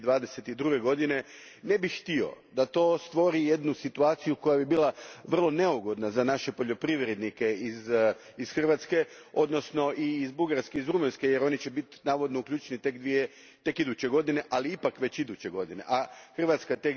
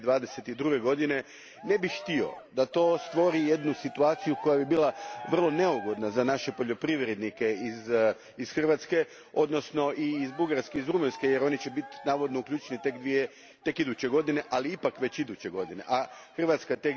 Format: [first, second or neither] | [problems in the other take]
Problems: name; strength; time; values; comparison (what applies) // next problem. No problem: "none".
first | background sound (Cheering); 18 dB below the speech